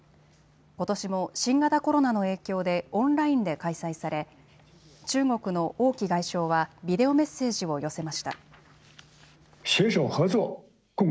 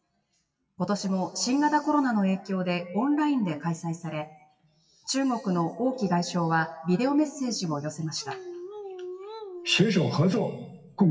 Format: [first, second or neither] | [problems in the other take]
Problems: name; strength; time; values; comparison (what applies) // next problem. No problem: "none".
first | noise reduction (classical method WPE with log-MMSE)